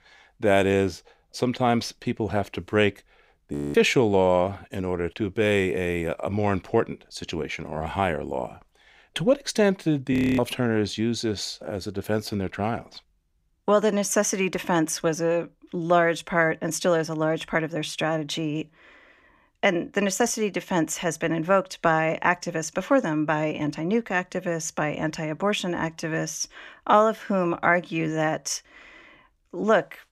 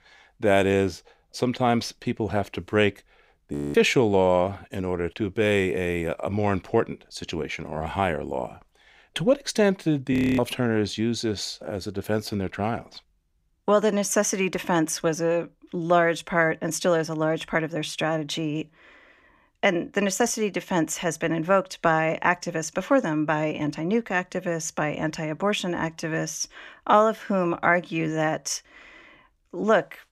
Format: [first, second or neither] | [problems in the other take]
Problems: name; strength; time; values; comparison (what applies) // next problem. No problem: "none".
neither | audio freezing; at 3.5 s and at 10 s; the same in both